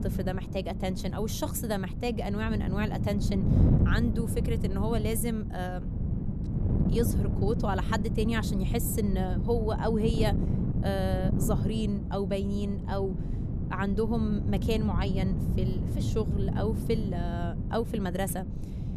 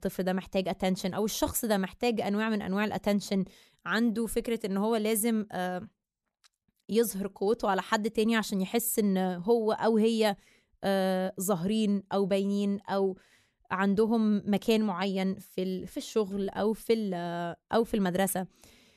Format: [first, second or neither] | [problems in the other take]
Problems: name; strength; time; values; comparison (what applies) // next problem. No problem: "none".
second | wind noise on the microphone; heavy; 6 dB below the speech